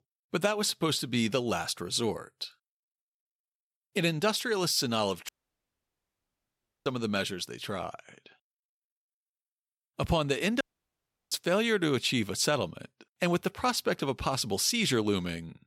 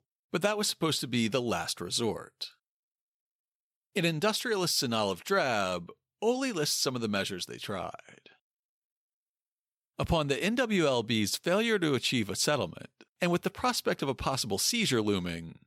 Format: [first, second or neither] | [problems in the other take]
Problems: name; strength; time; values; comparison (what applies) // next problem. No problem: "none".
second | audio cutting out; at 5.5 s for 1.5 s and at 11 s for 0.5 s